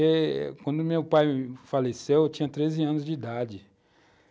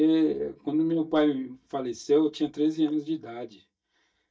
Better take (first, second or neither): first